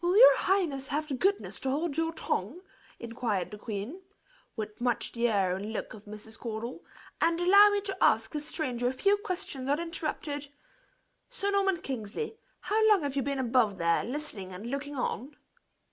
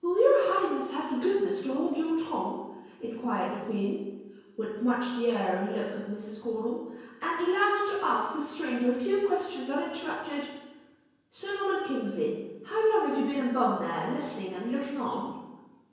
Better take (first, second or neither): first